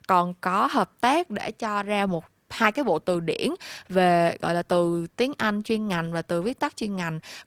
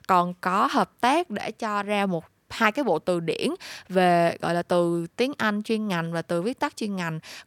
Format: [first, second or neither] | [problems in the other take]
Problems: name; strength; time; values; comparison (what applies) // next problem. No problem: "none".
second | garbled, watery; slightly; nothing above 19 kHz